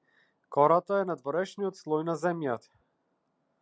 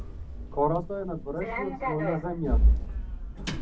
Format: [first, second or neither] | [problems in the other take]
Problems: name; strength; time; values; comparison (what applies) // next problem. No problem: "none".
first | background sound (Sliding door); 4 dB above the speech // room echo; dies away in 0.4 s